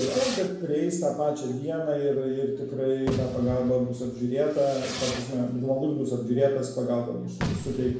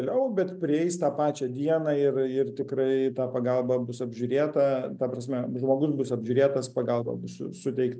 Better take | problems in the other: second | background sound (Fireworks); 11 dB below the speech // room echo; dies away in 0.7 s

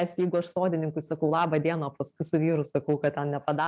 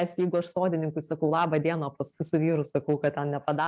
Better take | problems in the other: first | noise reduction (neural mask model Resemble Enhance denoiser)

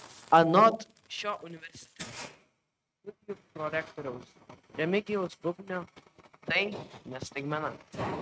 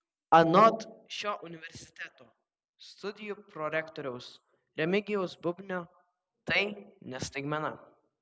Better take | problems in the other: second | noise reduction (neural mask model RNNoise)

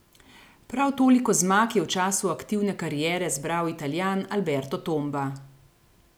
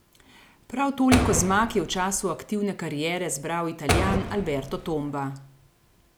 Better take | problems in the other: first | background sound (Door); 2 dB below the speech

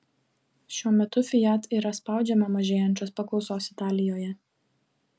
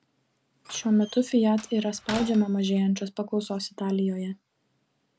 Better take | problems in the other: first | background sound (Slam); 15 dB below the speech

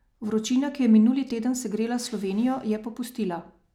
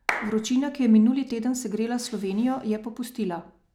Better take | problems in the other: first | background sound (Clapping); 9 dB below the speech

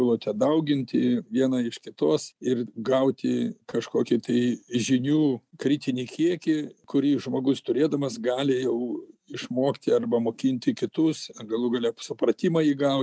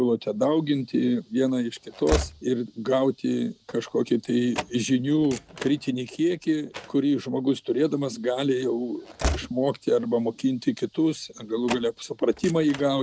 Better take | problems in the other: first | background sound (Slam / Train); 13 dB below the speech

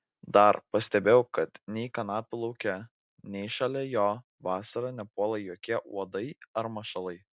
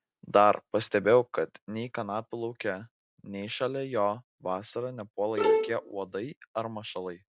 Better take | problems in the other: first | background sound (Bowed string instrument); 2 dB above the speech

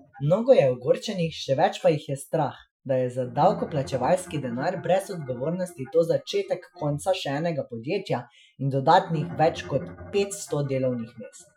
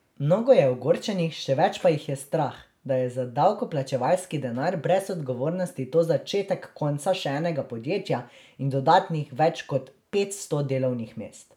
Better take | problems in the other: second | noise reduction (classical method Wiener filter)

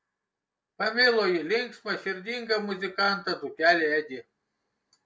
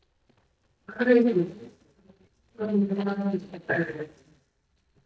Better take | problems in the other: first | noise reduction (neural mask model DeepFilterNet 3)

